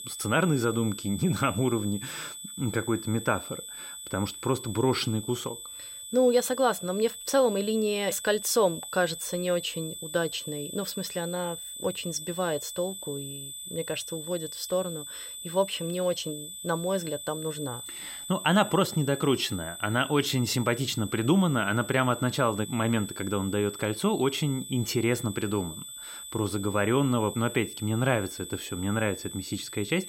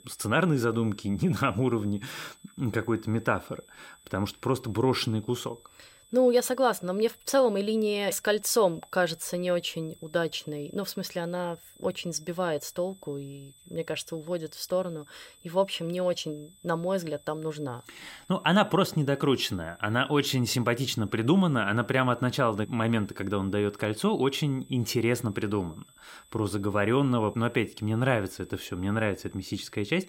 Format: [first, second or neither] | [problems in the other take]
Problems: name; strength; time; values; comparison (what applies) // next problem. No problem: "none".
second | high-pitched whine; loud; throughout; 8 kHz, 9 dB below the speech; faint in the second